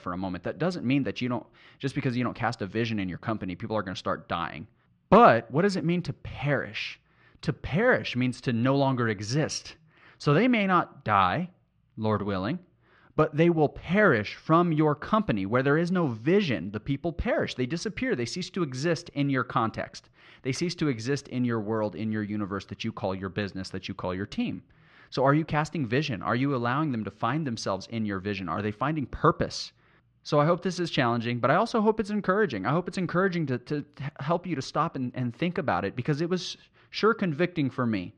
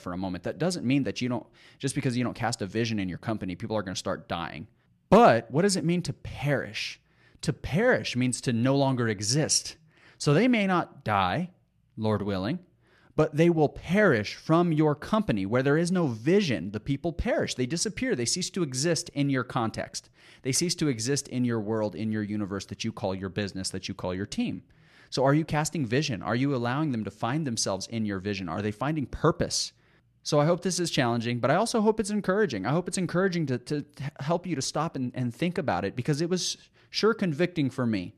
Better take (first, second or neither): second